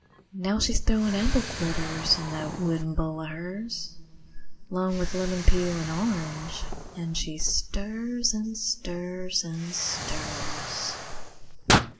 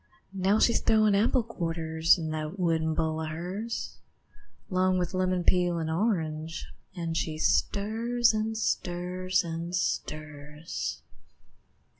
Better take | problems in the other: second | background sound (Explosion); 7 dB below the speech // room echo; dies away in 2.2 s

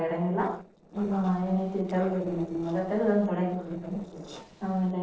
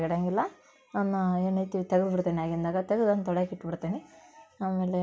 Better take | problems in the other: second | noise reduction (neural separator model SepFormer DNS4)

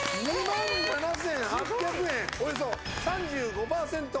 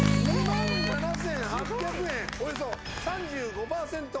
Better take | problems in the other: first | background sound (Bass guitar); as loud as the speech

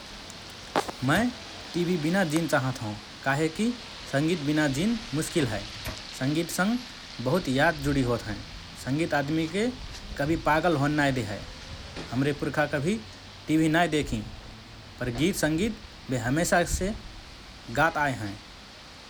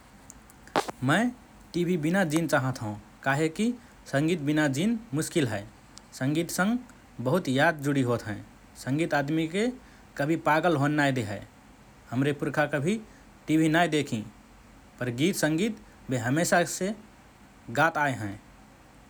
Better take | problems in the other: second | background sound (Rain + Microwave oven); 13 dB below the speech

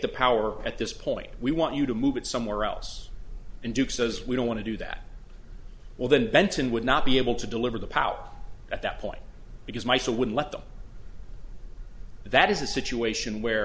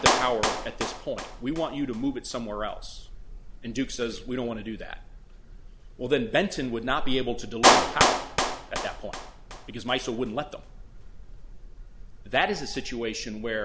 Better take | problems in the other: first | background sound (Clapping); as loud as the speech

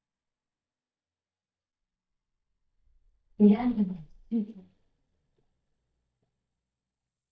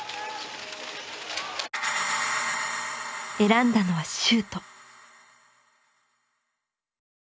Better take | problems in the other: second | noise reduction (neural mask model DeepFilterNet 3)

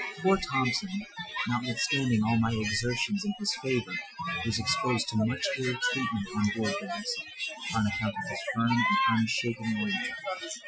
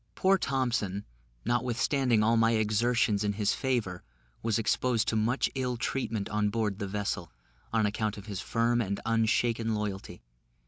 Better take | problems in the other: second | noise reduction (classical method Wiener filter)

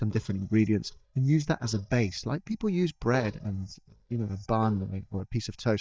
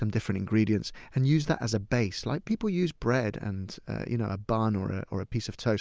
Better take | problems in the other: second | noise reduction (neural mask model DeepFilterNet 3)

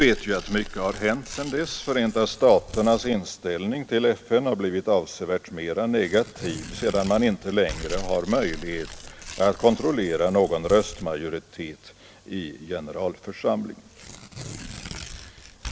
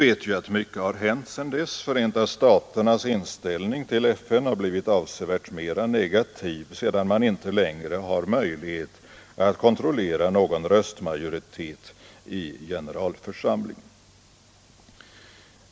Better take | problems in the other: second | background sound (Tearing); 14 dB below the speech

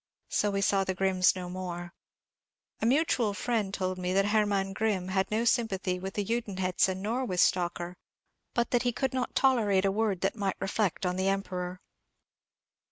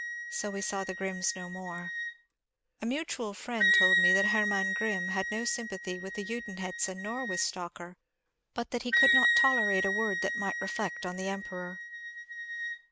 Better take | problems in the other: first | background sound (Wind instrument, woodwind instrument); 3 dB above the speech

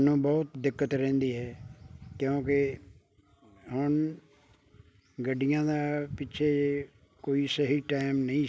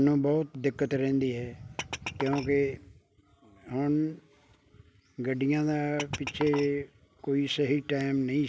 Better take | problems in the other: first | background sound (Glass); 14 dB below the speech

